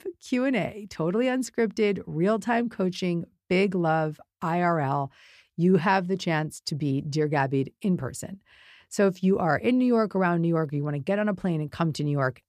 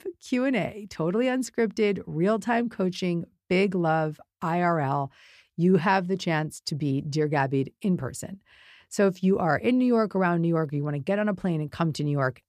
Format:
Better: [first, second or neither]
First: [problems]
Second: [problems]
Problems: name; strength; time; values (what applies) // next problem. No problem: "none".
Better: neither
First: none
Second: none